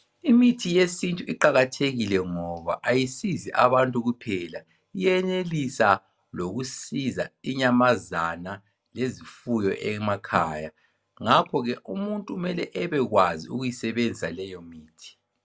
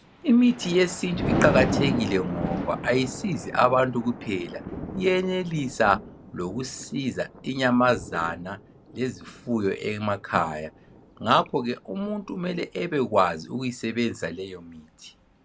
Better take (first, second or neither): first